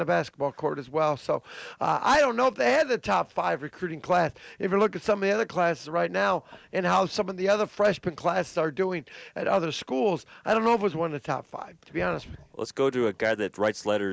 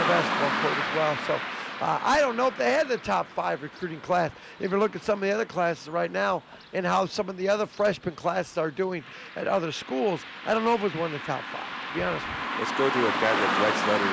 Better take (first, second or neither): first